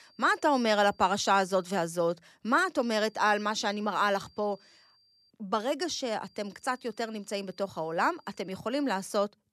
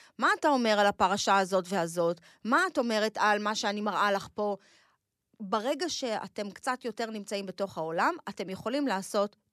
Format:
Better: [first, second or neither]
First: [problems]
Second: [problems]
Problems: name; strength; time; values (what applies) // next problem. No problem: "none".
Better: second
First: high-pitched whine; faint; until 2 s, from 3 to 5.5 s and from 6 to 8.5 s; 4.5 kHz, 35 dB below the speech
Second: none